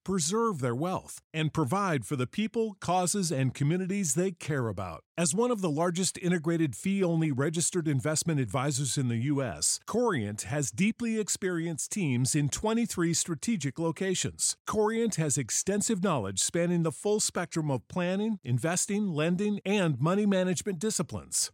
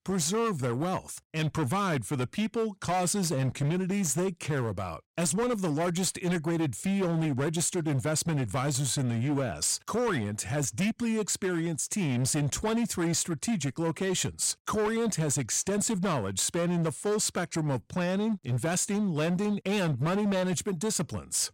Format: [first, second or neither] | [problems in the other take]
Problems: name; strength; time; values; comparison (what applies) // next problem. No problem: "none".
first | distortion; slight; 20% of the sound clipped